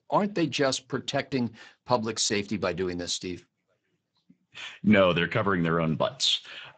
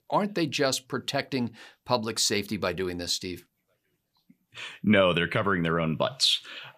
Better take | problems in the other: second | garbled, watery; badly; nothing above 8 kHz

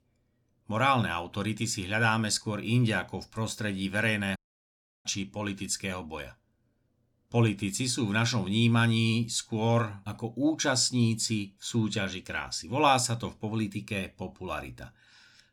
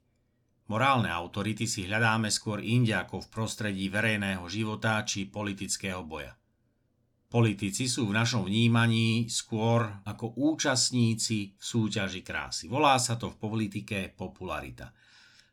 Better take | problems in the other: second | audio cutting out; at 4.5 s for 0.5 s

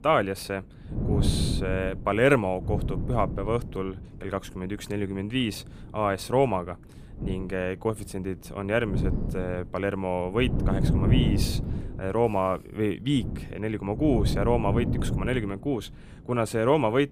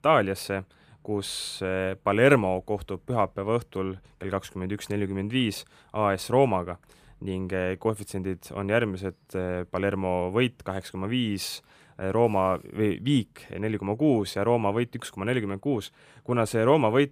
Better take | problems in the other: second | wind noise on the microphone; heavy; 10 dB below the speech

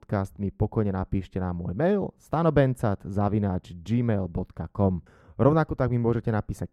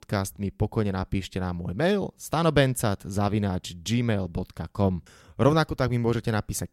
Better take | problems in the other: second | muffled; very; fading above 2 kHz

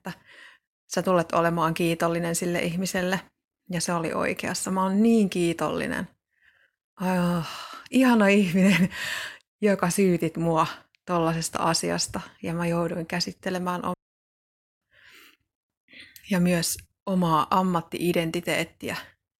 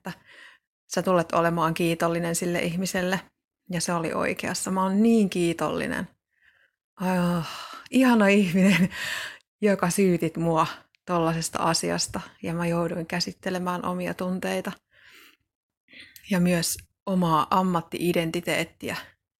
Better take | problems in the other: second | audio cutting out; at 14 s for 1 s

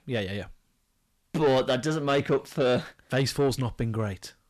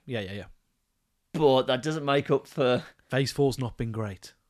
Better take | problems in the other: second | distortion; slight; 10 dB below the speech

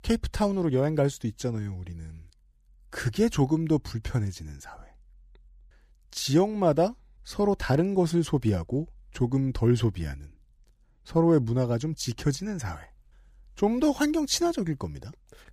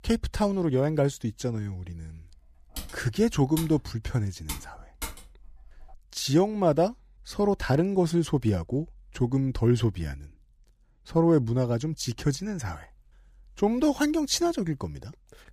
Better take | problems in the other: first | keyboard typing; faint; from 3 to 6 s; peak 10 dB below the speech

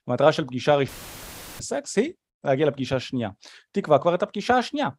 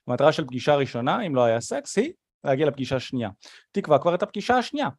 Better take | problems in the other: second | audio cutting out; filled with static; at 1 s for 0.5 s

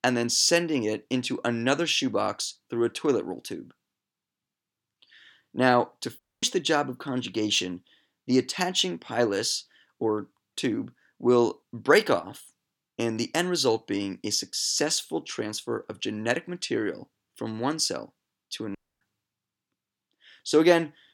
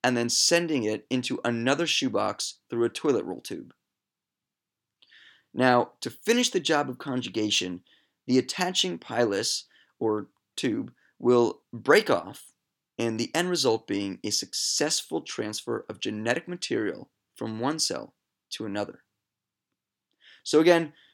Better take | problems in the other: second | audio cutting out; at 6 s and at 19 s

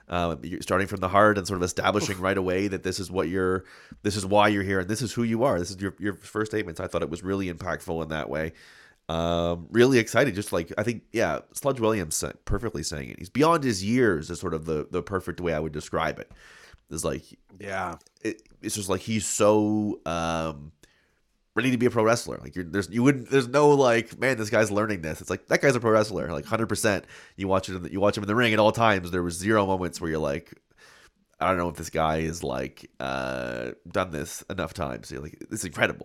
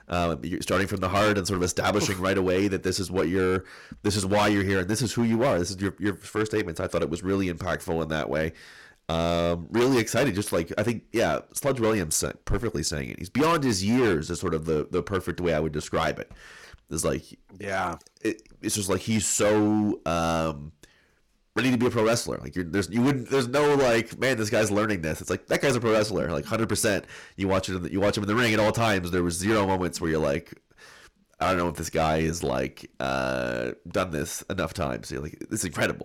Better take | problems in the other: first | distortion; heavy; 9% of the sound clipped

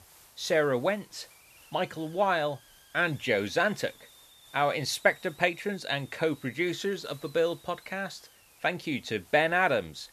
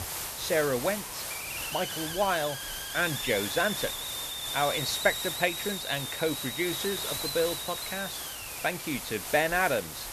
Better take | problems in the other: first | hiss; loud; throughout; 3 dB below the speech; faint in the first

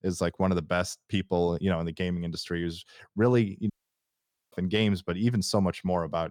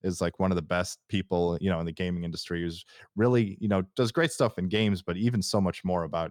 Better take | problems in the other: second | audio cutting out; at 3.5 s for 1 s

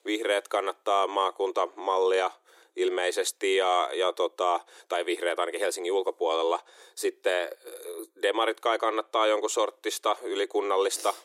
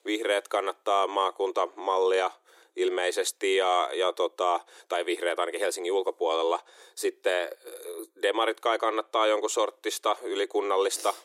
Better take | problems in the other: neither | thin; very; fading below 350 Hz; the same in both

